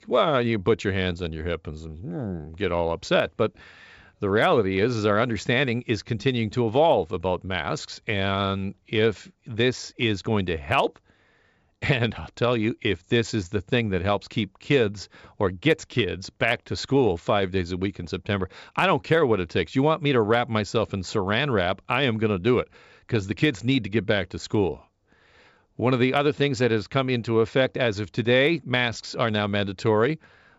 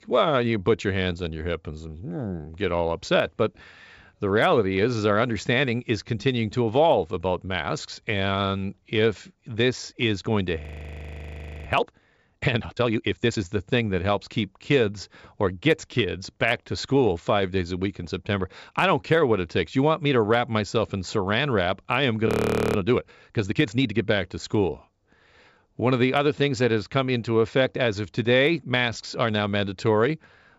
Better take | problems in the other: first | audio freezing; at 11 s for 1 s and at 22 s

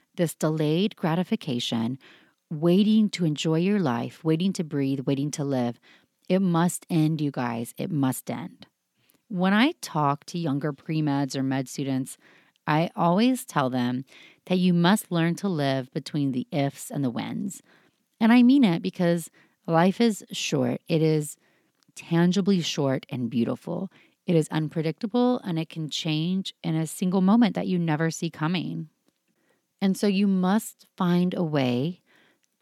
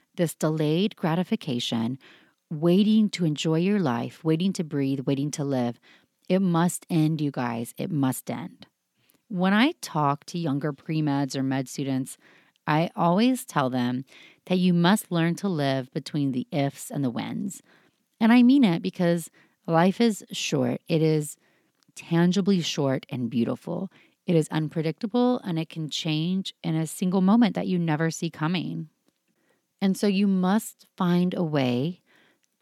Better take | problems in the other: neither | none

